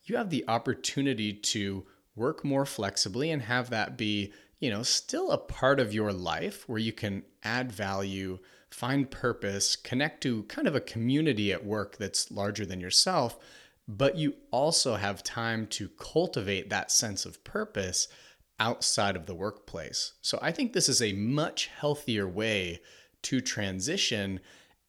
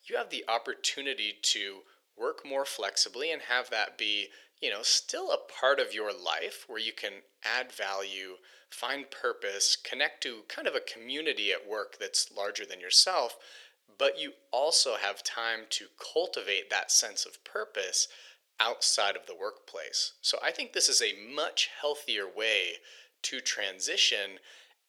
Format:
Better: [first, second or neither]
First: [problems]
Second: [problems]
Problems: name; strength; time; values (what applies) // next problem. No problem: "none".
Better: first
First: none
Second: thin; very; fading below 450 Hz